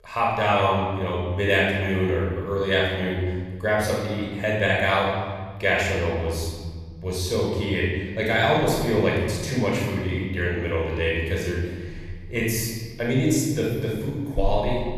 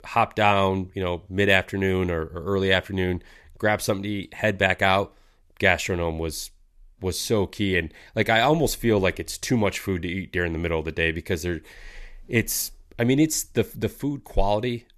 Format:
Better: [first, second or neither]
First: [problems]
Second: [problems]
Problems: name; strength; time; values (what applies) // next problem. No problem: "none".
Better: second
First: off-mic speech; far // room echo; strong; dies away in 1.9 s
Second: none